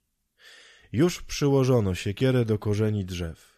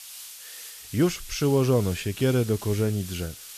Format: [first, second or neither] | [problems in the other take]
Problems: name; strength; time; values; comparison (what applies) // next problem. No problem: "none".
first | hiss; noticeable; throughout; 15 dB below the speech